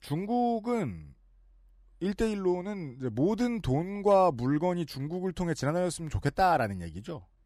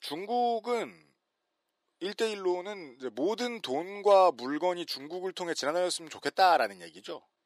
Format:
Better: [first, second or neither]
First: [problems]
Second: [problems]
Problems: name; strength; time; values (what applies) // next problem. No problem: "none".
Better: first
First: none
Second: thin; somewhat; fading below 350 Hz